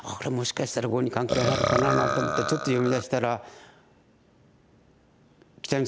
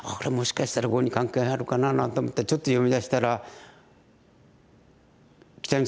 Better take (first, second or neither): second